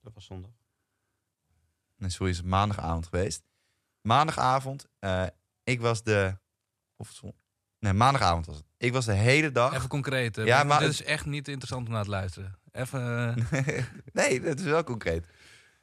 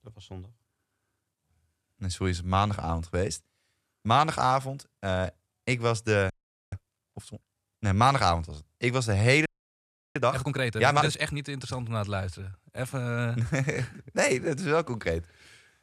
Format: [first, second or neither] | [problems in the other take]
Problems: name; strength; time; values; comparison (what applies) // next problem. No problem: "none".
first | audio freezing; at 6.5 s and at 9.5 s for 0.5 s